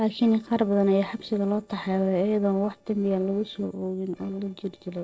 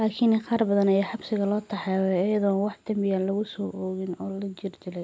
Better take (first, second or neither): second